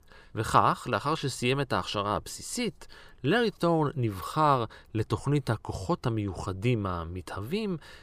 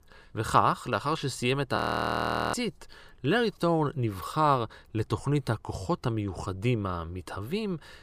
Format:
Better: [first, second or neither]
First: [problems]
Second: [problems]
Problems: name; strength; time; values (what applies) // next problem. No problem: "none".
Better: first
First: none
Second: audio freezing; at 2 s for 1 s